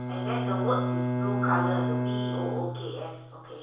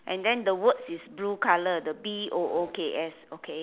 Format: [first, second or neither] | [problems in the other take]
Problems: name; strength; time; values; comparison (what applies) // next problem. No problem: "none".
second | background sound (Bowed string instrument); 4 dB above the speech // room echo; dies away in 0.7 s